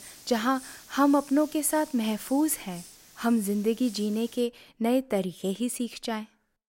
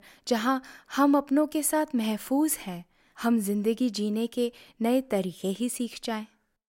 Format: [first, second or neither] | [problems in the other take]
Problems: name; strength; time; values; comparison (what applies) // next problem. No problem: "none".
second | hiss; noticeable; until 4.5 s; 20 dB below the speech